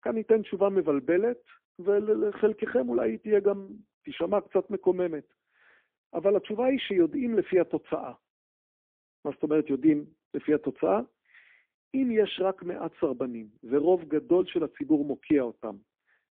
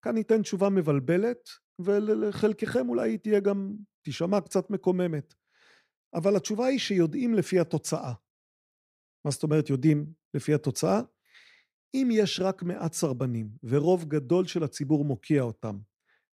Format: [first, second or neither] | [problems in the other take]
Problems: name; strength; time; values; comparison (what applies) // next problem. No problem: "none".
second | phone-call audio; poor line; nothing above 3.5 kHz